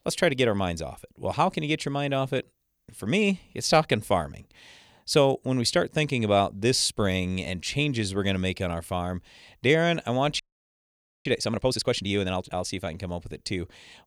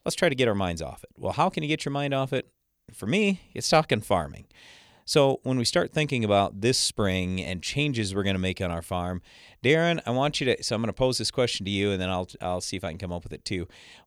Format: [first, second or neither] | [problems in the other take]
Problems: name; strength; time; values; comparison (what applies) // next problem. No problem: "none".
second | audio freezing; at 10 s for 1 s